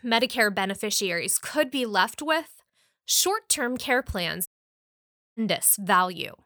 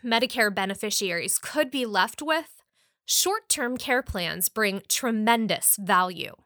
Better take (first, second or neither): second